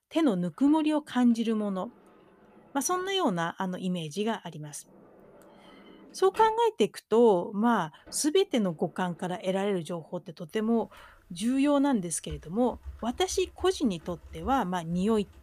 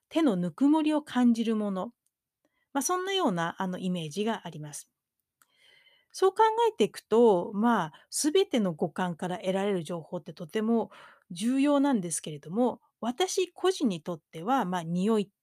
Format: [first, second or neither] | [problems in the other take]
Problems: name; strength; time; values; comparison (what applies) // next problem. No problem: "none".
second | household noises; faint; throughout; 25 dB below the speech